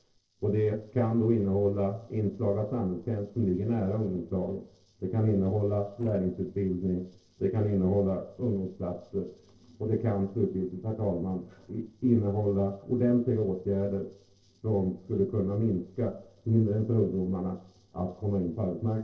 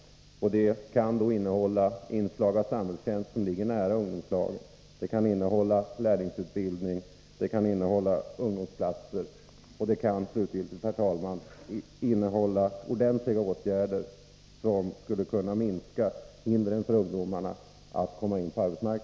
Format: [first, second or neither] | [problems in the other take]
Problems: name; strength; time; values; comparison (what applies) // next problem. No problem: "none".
second | noise reduction (neural separator model SepFormer DNS4)